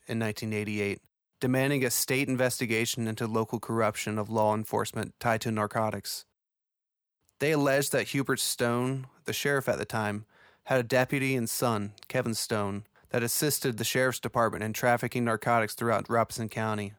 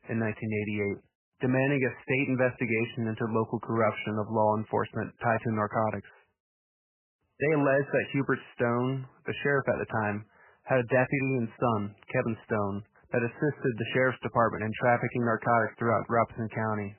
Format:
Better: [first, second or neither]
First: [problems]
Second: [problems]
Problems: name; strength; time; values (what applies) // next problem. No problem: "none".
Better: first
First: none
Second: garbled, watery; badly; nothing above 3 kHz